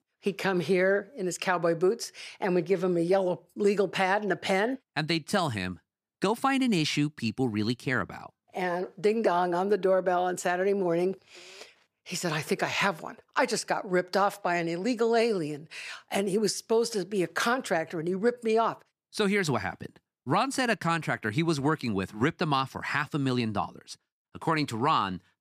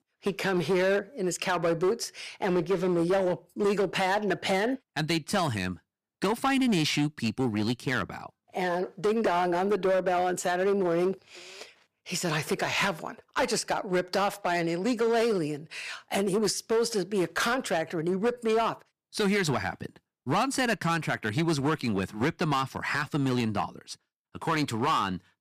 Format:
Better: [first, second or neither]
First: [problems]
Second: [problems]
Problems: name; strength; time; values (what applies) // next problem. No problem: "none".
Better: first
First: none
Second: distortion; slight; 10% of the sound clipped